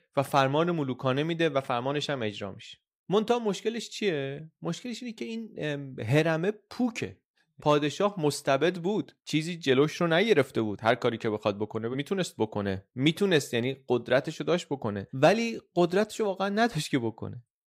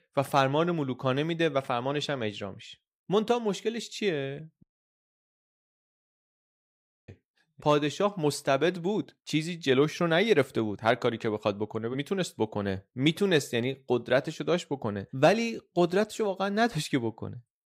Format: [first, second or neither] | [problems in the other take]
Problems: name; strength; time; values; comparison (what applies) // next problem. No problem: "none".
first | audio cutting out; at 4.5 s for 2.5 s